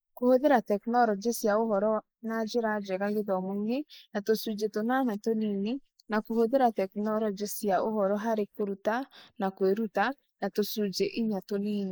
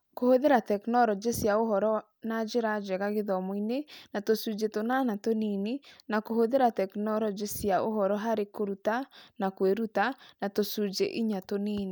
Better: second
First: noise reduction (neural mask model Resemble Enhance denoiser)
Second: none

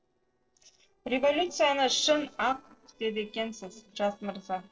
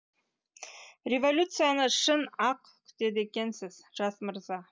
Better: second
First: noise reduction (neural separator model SepFormer DNS4)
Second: none

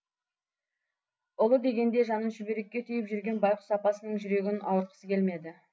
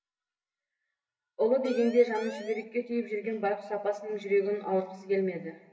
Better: first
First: none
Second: background sound (Siren); 10 dB below the speech // room echo; dies away in 1.9 s

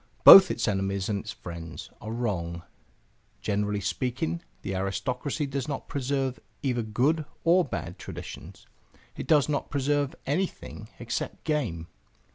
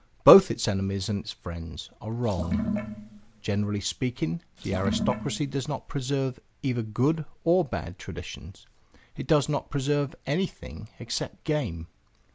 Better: first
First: none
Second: background sound (Sink (filling or washing) / Water); 5 dB below the speech

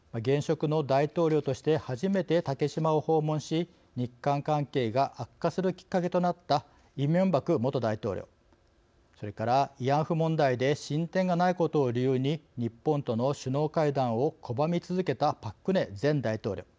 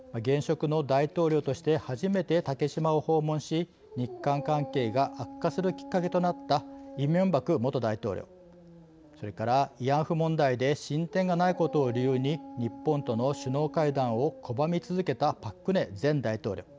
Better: first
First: none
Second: background sound (Dog); 17 dB below the speech

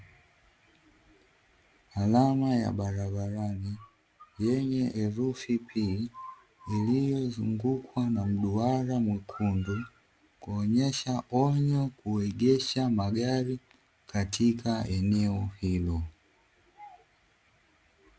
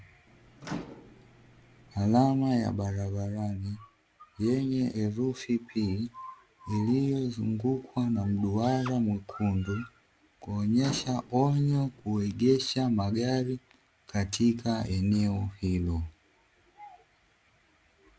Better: first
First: none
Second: background sound (Drill + Microwave oven); 18 dB below the speech

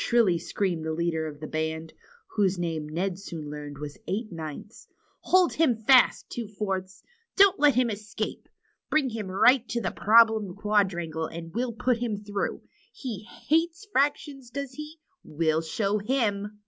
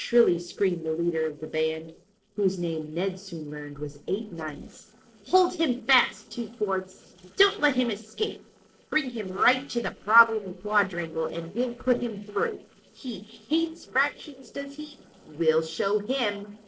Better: first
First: none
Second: noise reduction (neural separator model SepFormer DNS4)

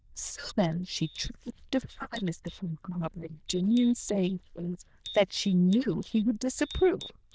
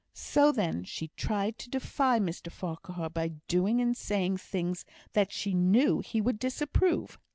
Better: second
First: noise reduction (neural diffusion model UNIVERSE++)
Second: none

